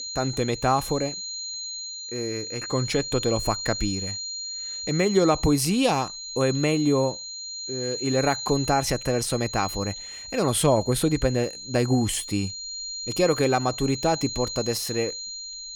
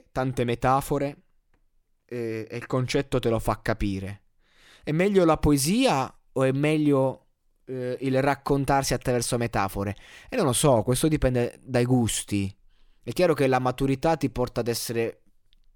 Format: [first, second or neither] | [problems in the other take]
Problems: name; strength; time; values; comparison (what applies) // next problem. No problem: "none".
second | high-pitched whine; loud; throughout; 4 kHz, 7 dB below the speech